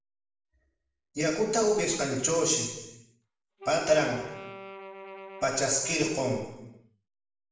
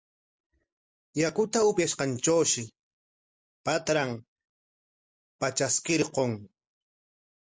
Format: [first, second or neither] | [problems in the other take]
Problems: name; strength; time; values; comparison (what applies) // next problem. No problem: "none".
second | background sound (Wind instrument, woodwind instrument); 15 dB below the speech // room echo; dies away in 0.9 s